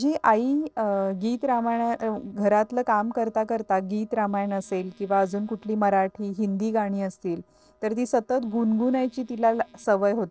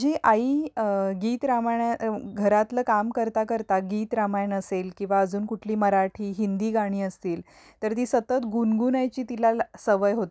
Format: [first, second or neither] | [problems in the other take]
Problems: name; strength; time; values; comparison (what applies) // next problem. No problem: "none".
second | noise reduction (neural separator model SepFormer DNS4)